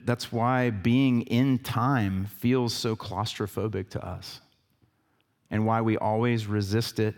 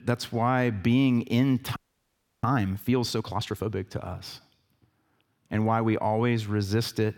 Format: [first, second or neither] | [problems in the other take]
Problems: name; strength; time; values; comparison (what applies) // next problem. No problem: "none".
first | audio freezing; at 2 s for 0.5 s